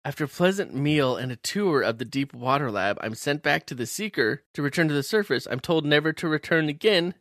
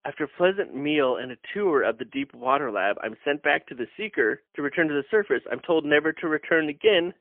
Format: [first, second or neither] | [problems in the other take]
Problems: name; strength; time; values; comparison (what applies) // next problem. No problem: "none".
first | phone-call audio; poor line; nothing above 3 kHz